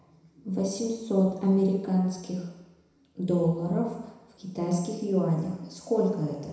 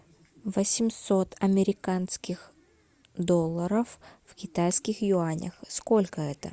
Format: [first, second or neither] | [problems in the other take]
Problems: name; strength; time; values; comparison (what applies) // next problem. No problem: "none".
second | room echo; dies away in 1 s